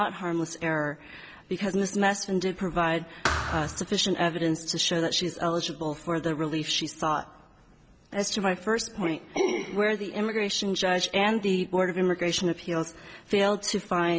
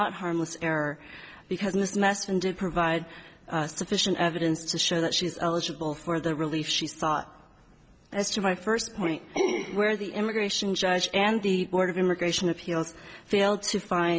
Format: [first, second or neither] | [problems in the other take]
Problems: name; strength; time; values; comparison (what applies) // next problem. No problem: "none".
second | background sound (Thump, thud); 5 dB below the speech